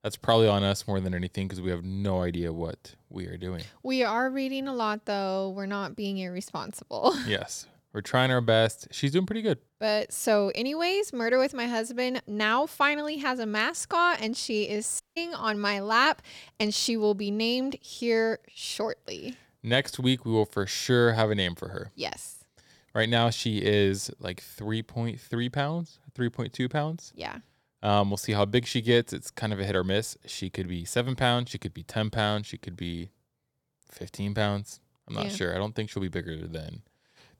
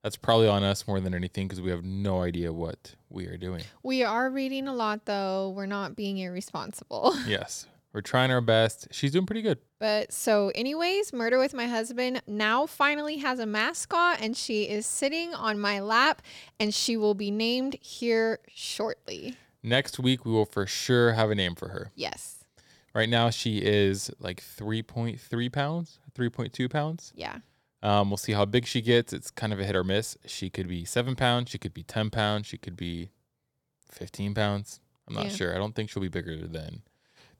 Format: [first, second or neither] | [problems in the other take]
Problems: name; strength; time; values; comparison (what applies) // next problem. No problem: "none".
second | audio cutting out; at 15 s